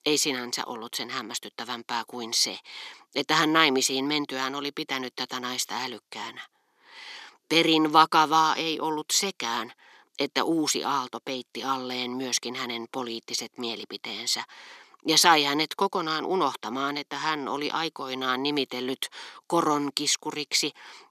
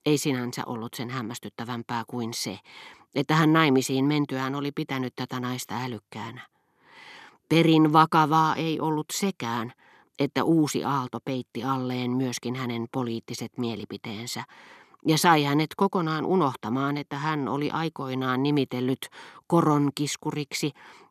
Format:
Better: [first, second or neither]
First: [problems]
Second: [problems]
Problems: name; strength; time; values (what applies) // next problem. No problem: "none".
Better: second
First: thin; somewhat; fading below 350 Hz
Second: none